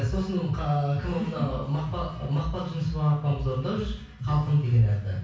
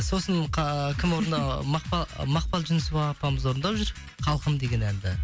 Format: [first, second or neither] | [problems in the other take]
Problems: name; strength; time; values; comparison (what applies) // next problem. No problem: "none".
second | room echo; dies away in 0.6 s